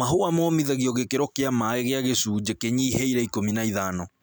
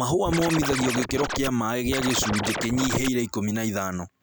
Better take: first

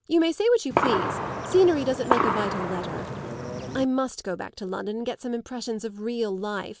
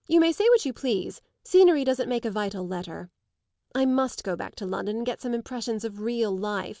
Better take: second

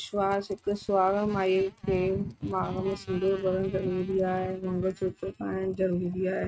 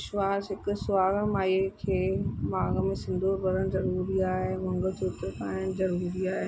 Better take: second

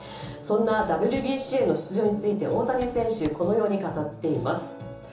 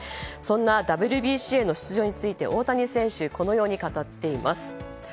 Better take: second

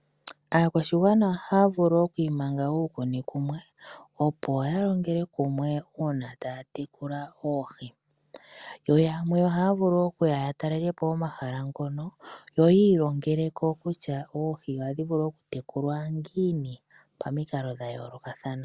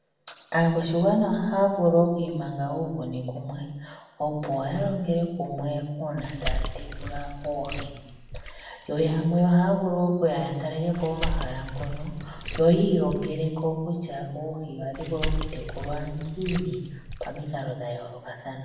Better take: first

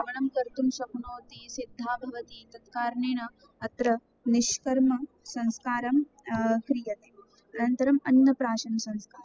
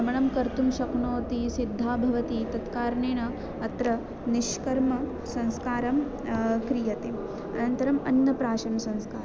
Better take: second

